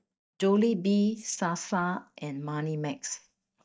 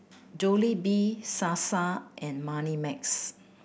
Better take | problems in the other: second | noise reduction (neural mask model DeepFilterNet 3)

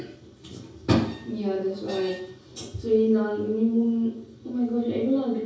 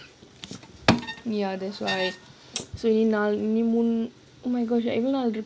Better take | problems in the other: second | room echo; dies away in 0.6 s

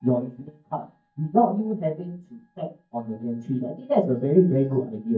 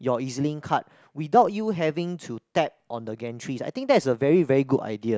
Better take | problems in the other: second | noise reduction (neural mask model DeepFilterNet 3)

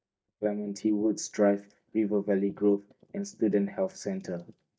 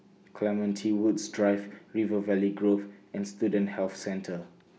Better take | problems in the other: second | noise reduction (neural mask model DeepFilterNet 3)

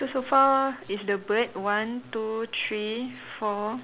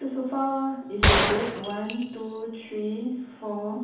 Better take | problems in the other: first | background sound (Gunshot, gunfire); 4 dB above the speech // room echo; dies away in 0.9 s

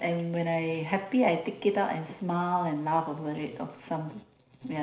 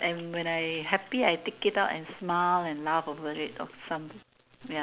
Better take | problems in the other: second | room echo; dies away in 0.5 s

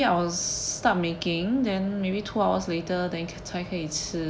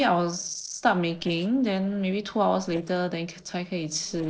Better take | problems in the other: first | noise reduction (neural separator model SepFormer DNS4)

